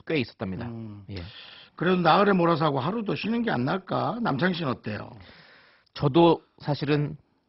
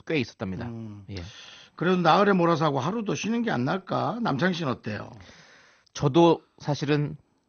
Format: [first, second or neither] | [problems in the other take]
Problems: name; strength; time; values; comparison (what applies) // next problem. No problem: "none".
second | garbled, watery; badly; nothing above 5.5 kHz; slightly in the second